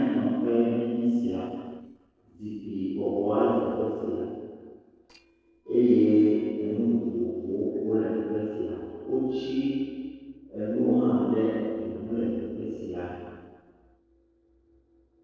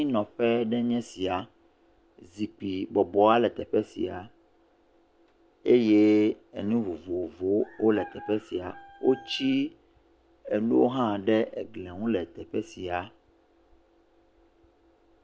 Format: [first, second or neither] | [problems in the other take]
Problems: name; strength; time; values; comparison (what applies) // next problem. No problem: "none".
second | noise reduction (neural separator model SepFormer DNS4)